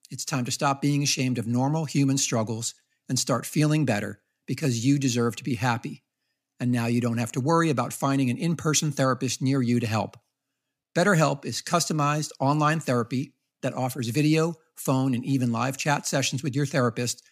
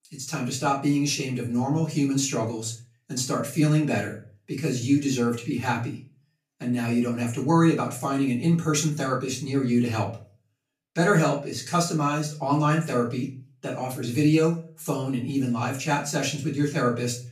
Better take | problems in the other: first | off-mic speech; far // room echo; slight; dies away in 0.3 s

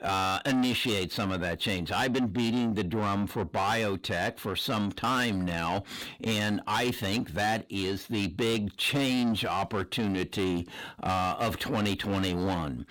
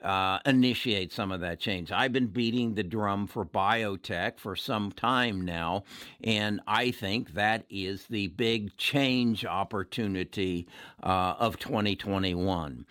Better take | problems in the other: second | distortion; heavy; 7 dB below the speech

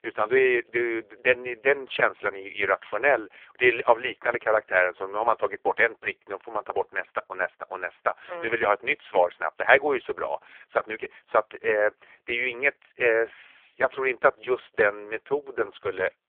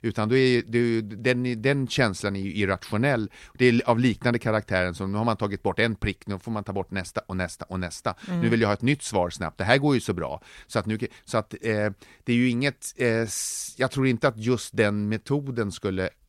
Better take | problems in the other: second | phone-call audio; poor line

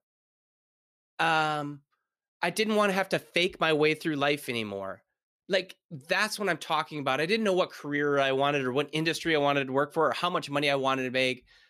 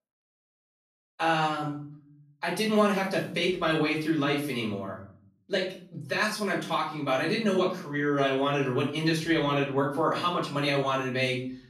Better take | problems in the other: first | off-mic speech; far // room echo; noticeable; dies away in 0.6 s

